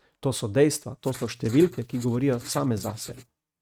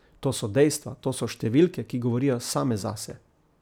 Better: second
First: noise reduction (neural mask model RNNoise)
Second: none

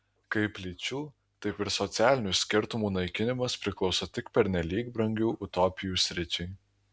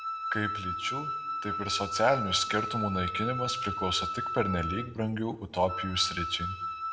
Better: first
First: none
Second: background sound (Wind instrument, woodwind instrument); 3 dB below the speech // room echo; dies away in 0.8 s

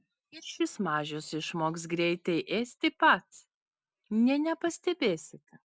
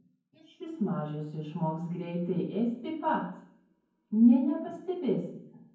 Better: first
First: none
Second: room echo; dies away in 0.9 s

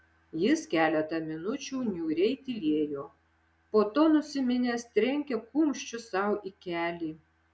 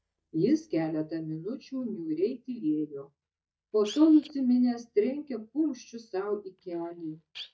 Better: first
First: none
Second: noise reduction (neural mask model DeepFilterNet 3)

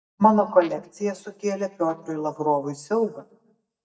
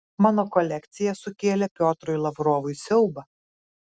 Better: second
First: noise reduction (neural mask model DeepFilterNet 3)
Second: none

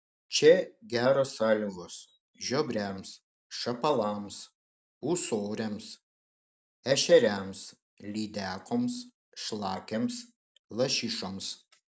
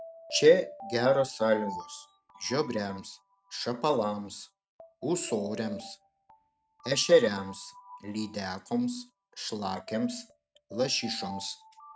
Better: first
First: none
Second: noise reduction (neural mask model RNNoise)

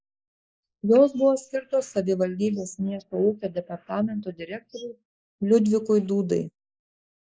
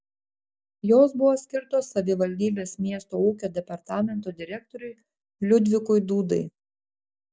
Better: second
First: noise reduction (neural mask model Resemble Enhance denoiser)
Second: none

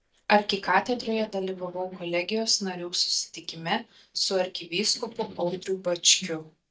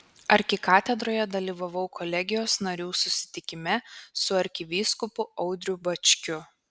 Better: second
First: noise reduction (neural mask model DeepFilterNet 3)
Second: none

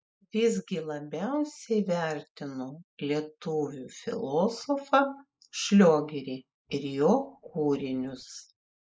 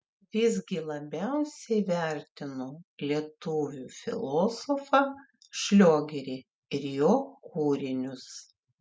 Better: second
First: noise reduction (neural mask model Resemble Enhance denoiser)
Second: none

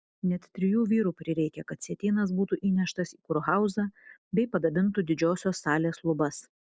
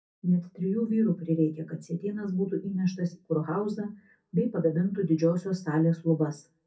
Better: first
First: none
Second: room echo; dies away in 0.3 s

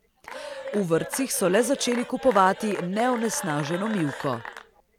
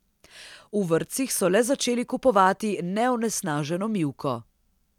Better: second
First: background sound (Applause / Cheering / Clapping); 12 dB below the speech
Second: none

